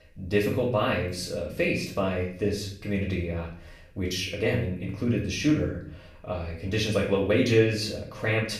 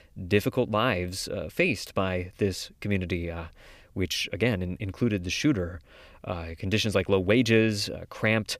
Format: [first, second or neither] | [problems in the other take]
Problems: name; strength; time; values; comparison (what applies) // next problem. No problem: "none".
second | room echo; noticeable; dies away in 0.5 s // off-mic speech; far